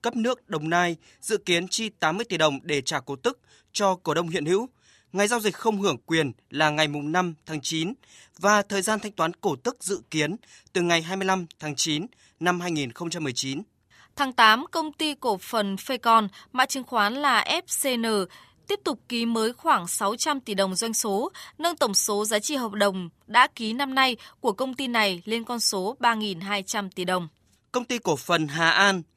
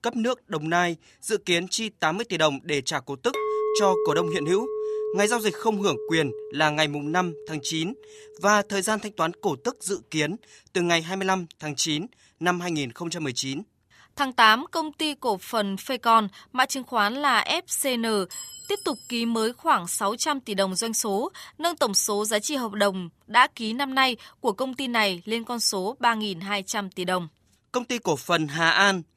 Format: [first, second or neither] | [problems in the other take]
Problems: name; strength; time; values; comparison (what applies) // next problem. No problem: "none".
first | clattering dishes; loud; from 3.5 to 7.5 s; peak level with the speech // clattering dishes; faint; at 18 s; peak 10 dB below the speech